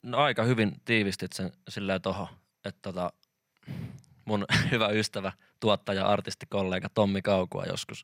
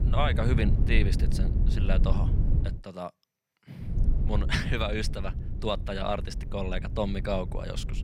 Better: first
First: none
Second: low rumble; noticeable; until 2.5 s and from 4 s on; 10 dB below the speech

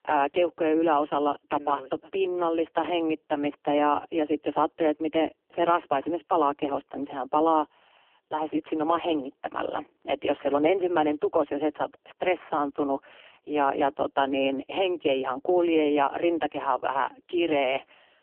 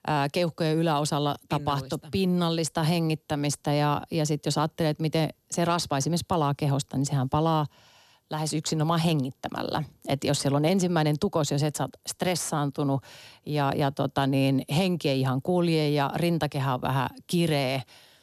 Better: second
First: phone-call audio; poor line; nothing above 3 kHz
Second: none

